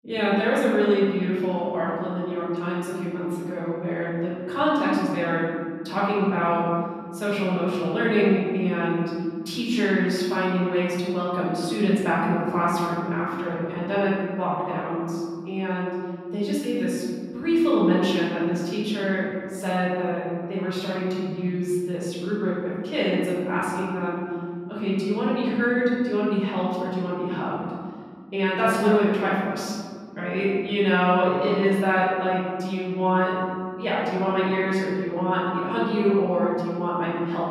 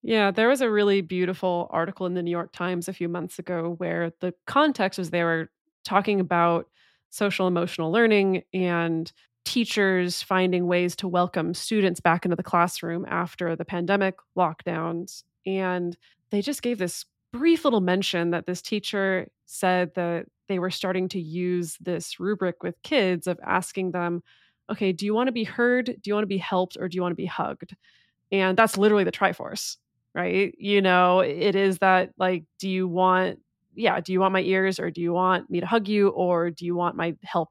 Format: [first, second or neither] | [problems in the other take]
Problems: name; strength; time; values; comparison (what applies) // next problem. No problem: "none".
second | room echo; strong; dies away in 2.2 s // off-mic speech; far